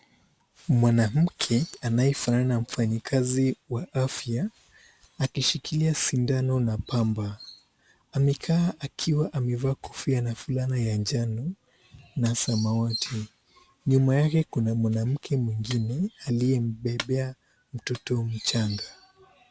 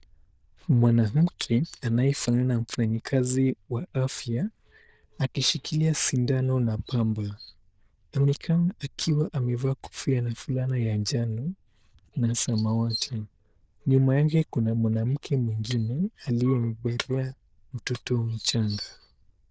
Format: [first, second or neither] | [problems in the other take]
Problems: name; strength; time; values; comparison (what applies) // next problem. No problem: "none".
first | noise reduction (neural diffusion model UNIVERSE++)